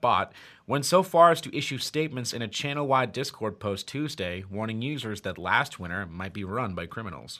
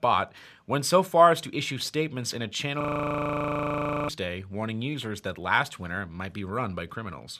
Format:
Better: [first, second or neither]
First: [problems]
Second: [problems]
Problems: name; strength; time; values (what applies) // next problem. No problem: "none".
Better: first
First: none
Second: audio freezing; at 3 s for 1.5 s